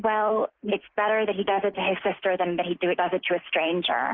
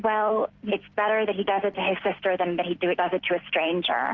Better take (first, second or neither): second